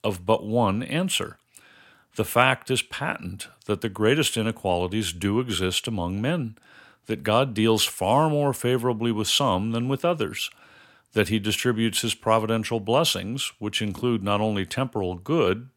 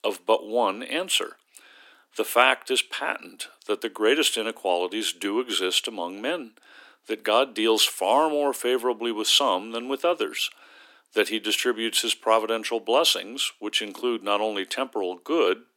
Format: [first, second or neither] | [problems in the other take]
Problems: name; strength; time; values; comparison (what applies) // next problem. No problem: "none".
first | thin; somewhat; fading below 300 Hz